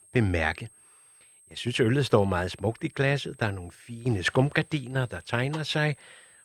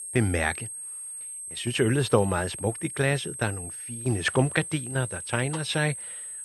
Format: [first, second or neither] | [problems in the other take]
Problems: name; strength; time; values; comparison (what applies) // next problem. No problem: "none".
first | high-pitched whine; loud; throughout; 8.5 kHz, 8 dB below the speech; faint in the first